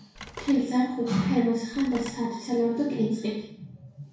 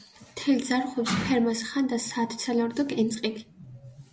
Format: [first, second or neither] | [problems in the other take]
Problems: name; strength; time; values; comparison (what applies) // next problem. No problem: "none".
second | background sound (Telephone); 19 dB below the speech // room echo; dies away in 0.6 s